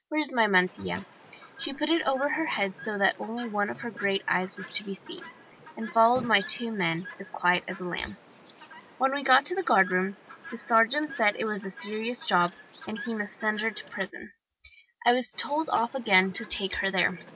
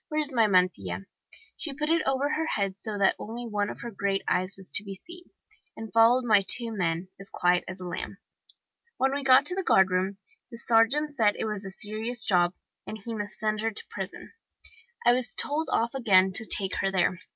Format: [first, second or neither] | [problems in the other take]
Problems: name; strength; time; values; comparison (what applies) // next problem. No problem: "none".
second | background sound (Chirp, tweet); 18 dB below the speech